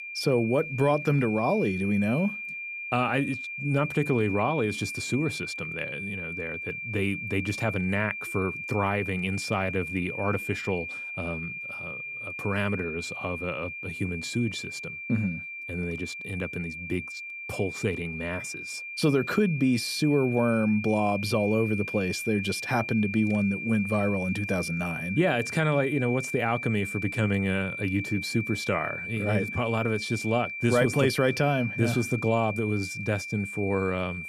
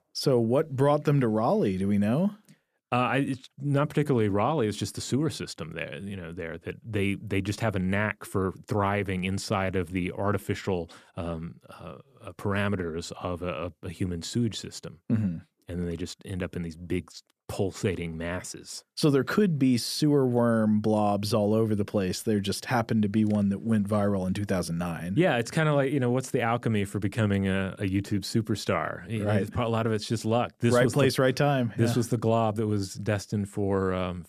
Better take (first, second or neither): second